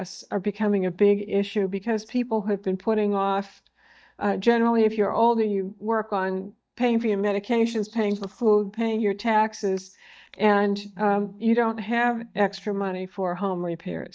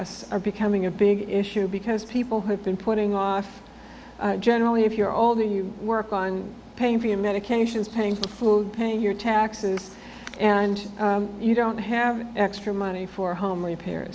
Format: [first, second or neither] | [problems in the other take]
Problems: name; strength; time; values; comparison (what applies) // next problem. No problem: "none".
second | noise reduction (neural mask model DeepFilterNet 3)